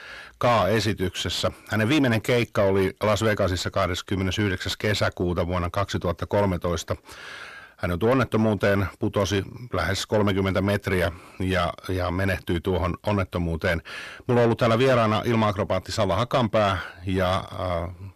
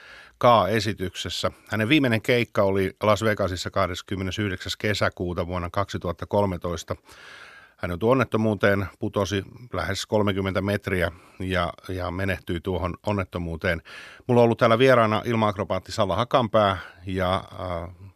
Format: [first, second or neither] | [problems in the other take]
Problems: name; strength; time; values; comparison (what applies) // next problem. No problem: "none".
second | distortion; heavy; 8 dB below the speech